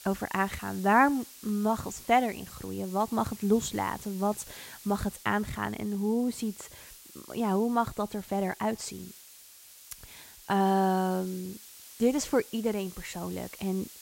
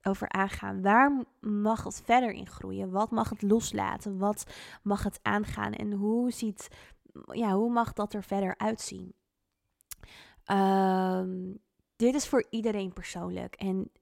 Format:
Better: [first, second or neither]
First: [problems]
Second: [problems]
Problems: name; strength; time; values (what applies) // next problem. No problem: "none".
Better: second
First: hiss; noticeable; throughout; 15 dB below the speech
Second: none